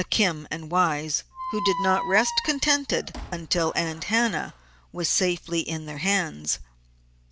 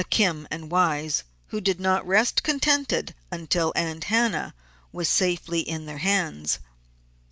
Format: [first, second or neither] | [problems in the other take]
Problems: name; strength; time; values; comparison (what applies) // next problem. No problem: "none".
second | background sound (Squeak); 9 dB below the speech